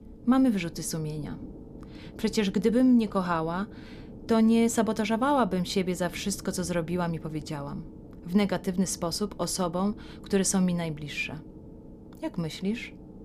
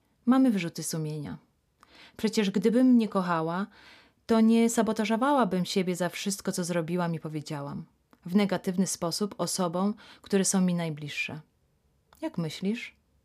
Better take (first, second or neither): second